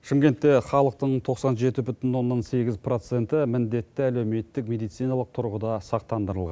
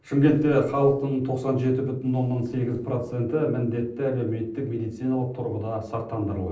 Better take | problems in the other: first | noise reduction (neural separator model SepFormer DNS4)

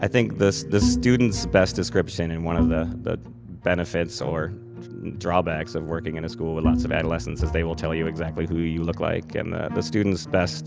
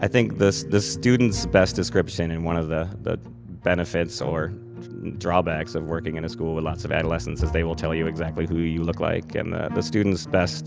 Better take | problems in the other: second | background sound (Bowed string instrument); 3 dB below the speech

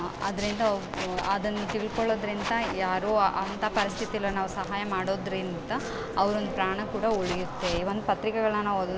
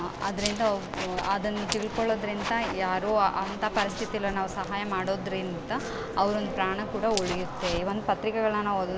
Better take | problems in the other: first | background sound (Glass); 13 dB below the speech

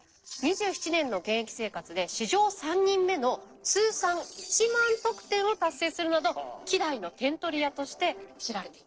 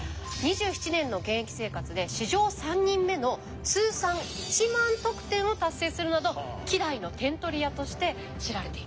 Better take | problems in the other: second | noise reduction (neural separator model SepFormer DNS4)

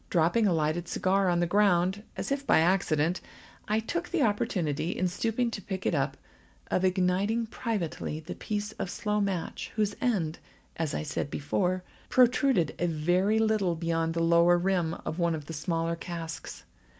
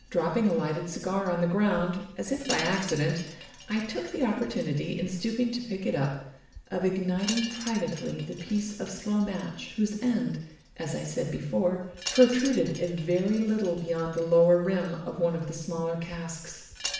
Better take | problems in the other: first | background sound (Wind chime); 15 dB below the speech // room echo; dies away in 0.7 s

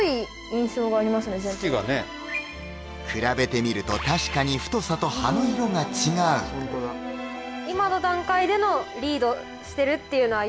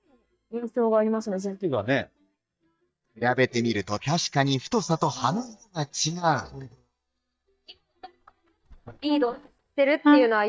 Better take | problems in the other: first | noise reduction (neural mask model DeepFilterNet 3)

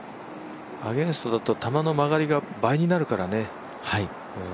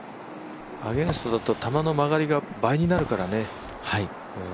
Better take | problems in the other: first | background sound (Drawer open or close); 13 dB below the speech

